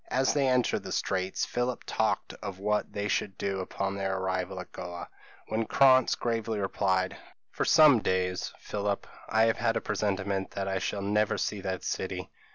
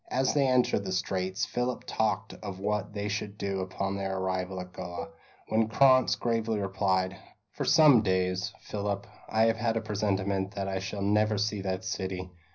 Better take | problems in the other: first | background sound (Cowbell); 18 dB below the speech // room echo; dies away in 0.4 s

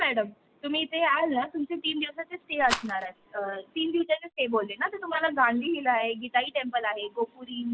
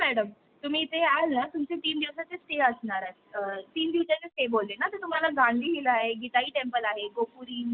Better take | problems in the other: second | background sound (Rattle); 6 dB below the speech

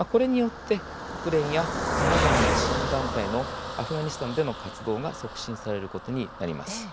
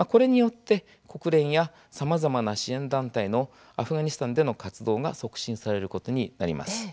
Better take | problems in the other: second | background sound (Car passing by); 1 dB below the speech

